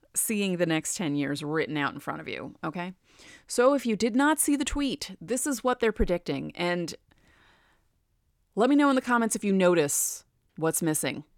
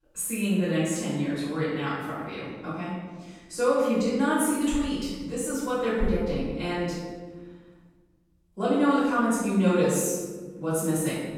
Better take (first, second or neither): first